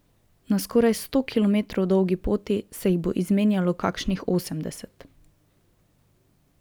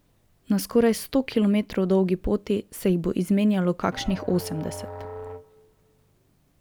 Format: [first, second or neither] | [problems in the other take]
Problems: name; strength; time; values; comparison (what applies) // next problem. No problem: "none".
first | background sound (Musical instrument); 14 dB below the speech